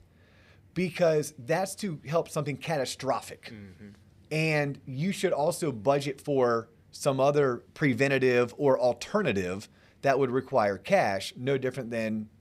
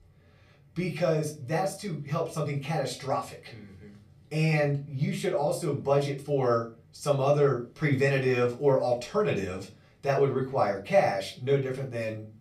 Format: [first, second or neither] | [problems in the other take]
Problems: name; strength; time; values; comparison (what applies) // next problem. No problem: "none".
first | off-mic speech; far // room echo; very slight; dies away in 0.3 s